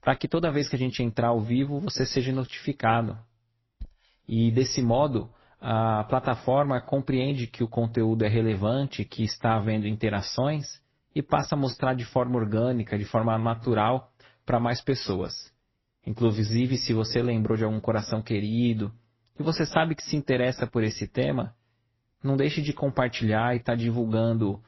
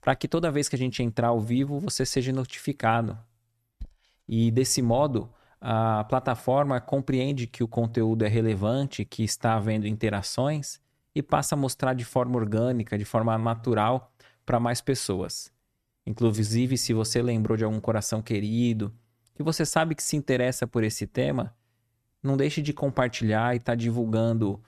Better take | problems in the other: second | garbled, watery; slightly; nothing above 5.5 kHz

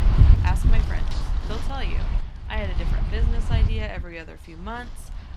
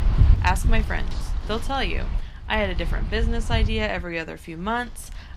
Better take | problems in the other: second | wind noise on the microphone; heavy; 3 dB below the speech; occasional gusts in the second

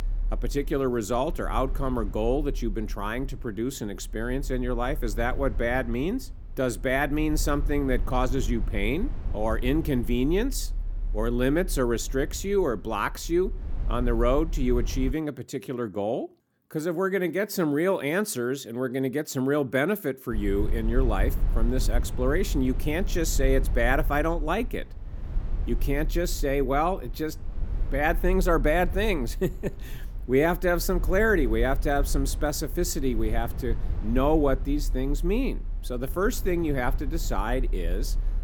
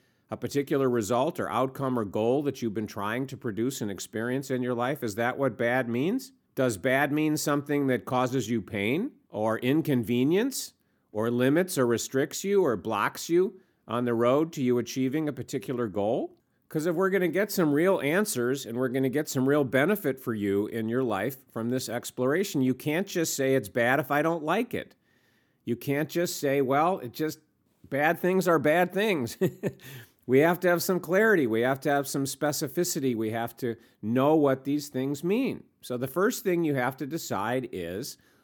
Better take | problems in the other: second | low rumble; faint; until 15 s and from 20 s on; 20 dB below the speech

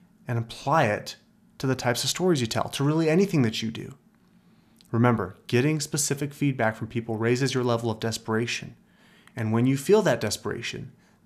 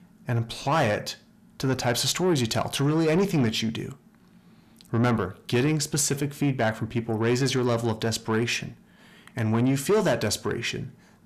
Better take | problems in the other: first | distortion; slight; 10 dB below the speech

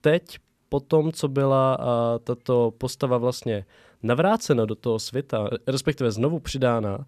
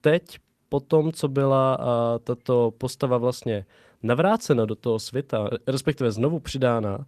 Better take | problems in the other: first | garbled, watery; slightly; nothing above 13.5 kHz

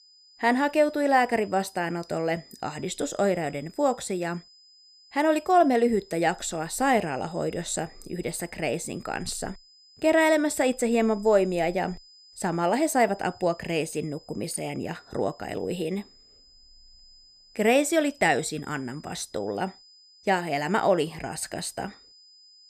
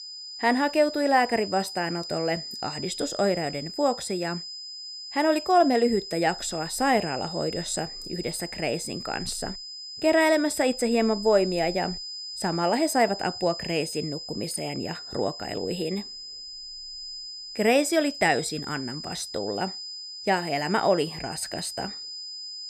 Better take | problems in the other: first | high-pitched whine; loud; throughout; 5 kHz, 9 dB below the speech; faint in the first

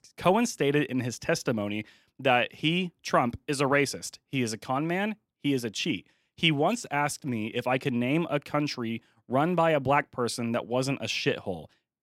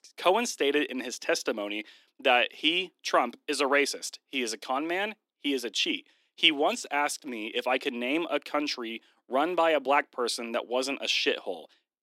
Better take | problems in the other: first | thin; very slightly; fading below 300 Hz

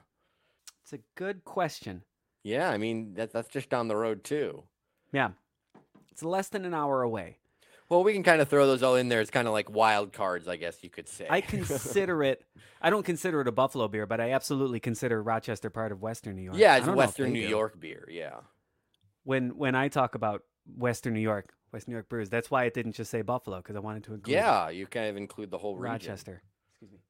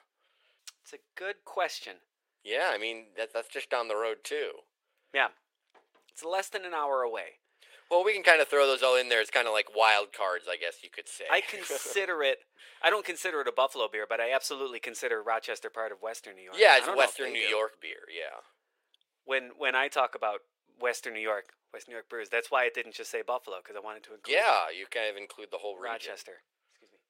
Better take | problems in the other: first | thin; very; fading below 450 Hz

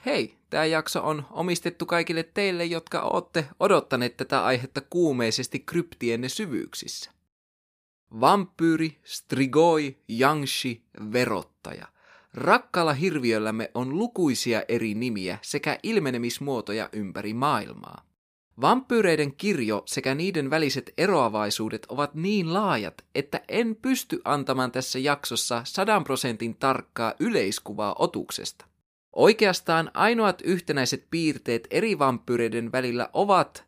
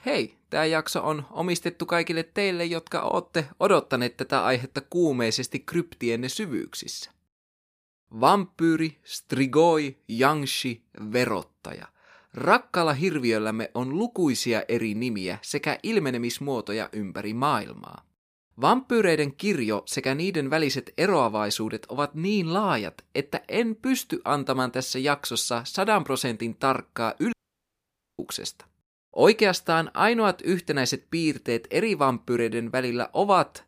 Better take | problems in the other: first | audio cutting out; at 27 s for 1 s

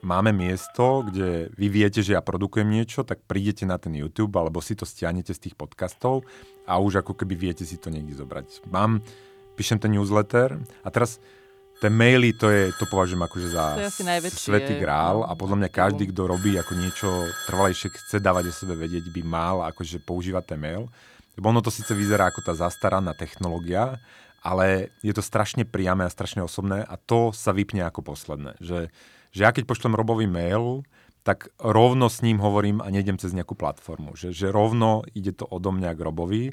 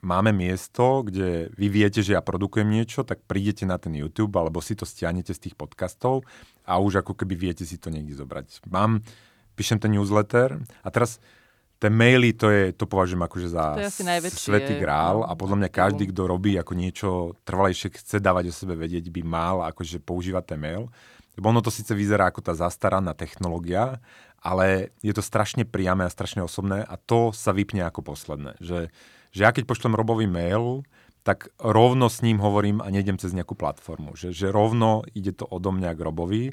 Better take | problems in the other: second | alarms or sirens; noticeable; until 27 s; 15 dB below the speech

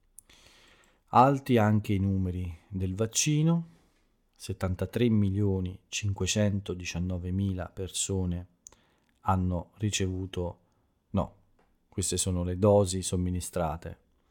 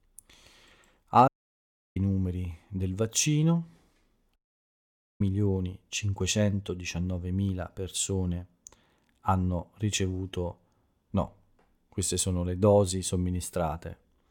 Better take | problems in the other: first | audio cutting out; at 1.5 s for 0.5 s and at 4.5 s for 1 s

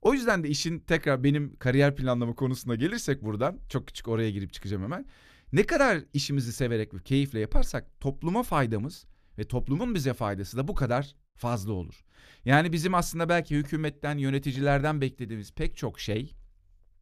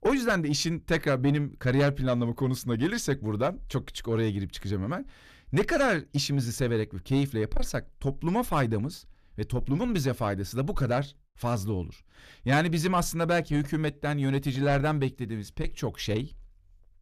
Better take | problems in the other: first | distortion; slight; 10 dB below the speech

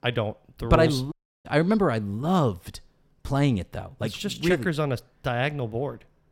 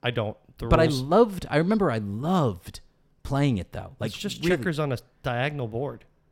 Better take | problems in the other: second | audio cutting out; at 1 s

